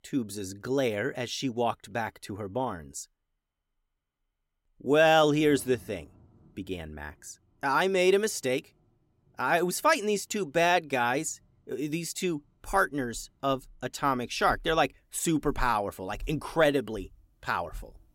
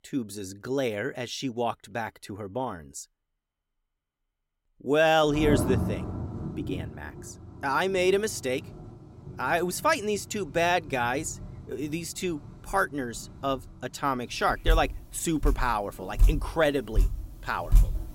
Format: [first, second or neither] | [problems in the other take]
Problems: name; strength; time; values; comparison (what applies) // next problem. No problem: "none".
first | rain or running water; loud; from 5.5 s on; 5 dB below the speech; faint in the first